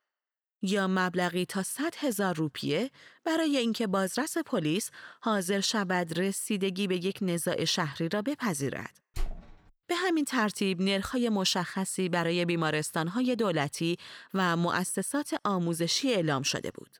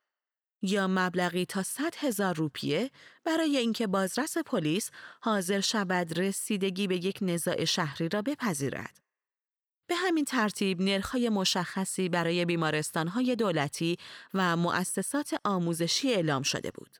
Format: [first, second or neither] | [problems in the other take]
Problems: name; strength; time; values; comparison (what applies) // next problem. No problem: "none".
second | door banging; faint; at 9 s; peak 10 dB below the speech